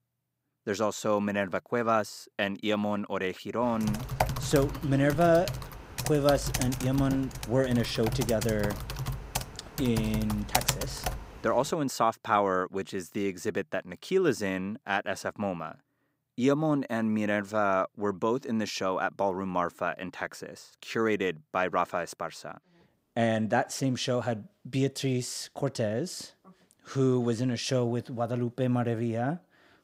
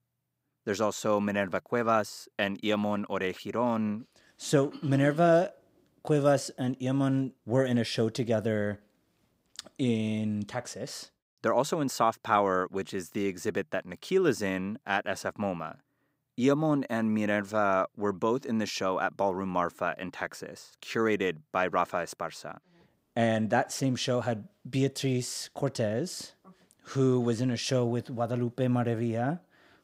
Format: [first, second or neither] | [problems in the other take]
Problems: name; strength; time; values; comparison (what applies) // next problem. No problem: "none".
second | keyboard typing; loud; from 4 to 11 s; peak 2 dB above the speech